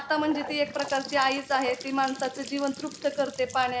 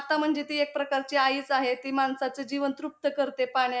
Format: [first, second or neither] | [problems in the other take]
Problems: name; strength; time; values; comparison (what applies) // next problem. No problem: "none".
second | background sound (Trickle, dribble / Bathtub (filling or washing) / Sink (filling or washing) / Gurgling); 13 dB below the speech